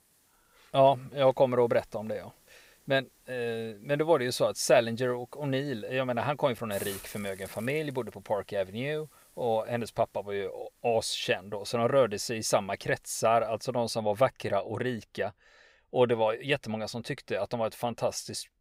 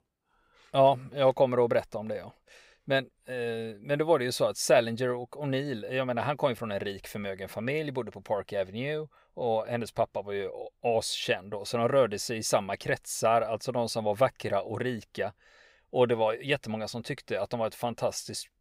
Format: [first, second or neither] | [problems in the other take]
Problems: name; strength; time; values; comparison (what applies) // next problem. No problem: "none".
second | hiss; faint; until 14 s; 20 dB below the speech